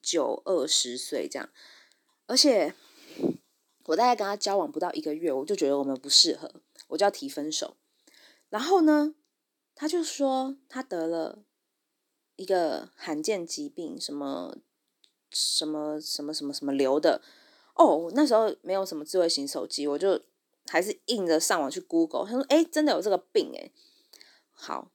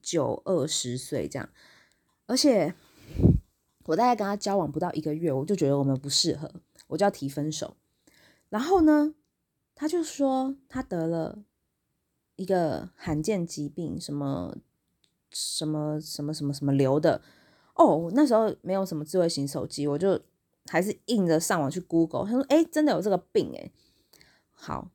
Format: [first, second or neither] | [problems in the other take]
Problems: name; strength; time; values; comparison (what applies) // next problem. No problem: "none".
second | thin; very slightly; fading below 300 Hz